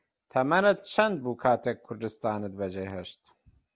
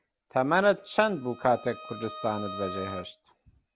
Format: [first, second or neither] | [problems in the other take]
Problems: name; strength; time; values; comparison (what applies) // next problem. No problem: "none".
first | background sound (Bowed string instrument); 14 dB below the speech